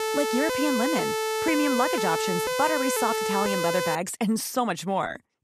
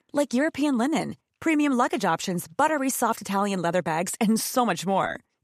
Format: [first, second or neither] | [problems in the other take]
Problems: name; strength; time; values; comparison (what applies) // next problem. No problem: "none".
second | siren; loud; until 4 s; peak 1 dB above the speech